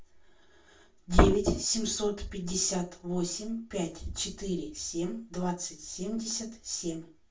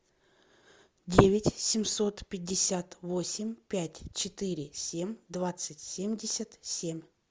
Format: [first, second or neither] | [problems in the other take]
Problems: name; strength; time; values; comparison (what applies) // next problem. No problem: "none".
second | room echo; dies away in 0.3 s